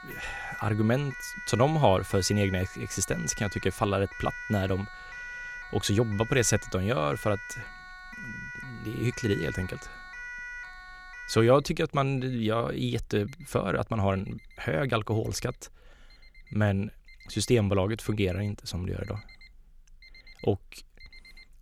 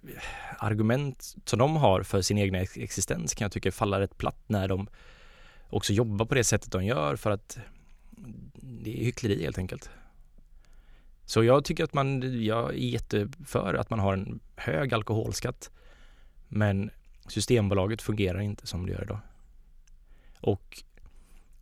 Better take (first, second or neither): second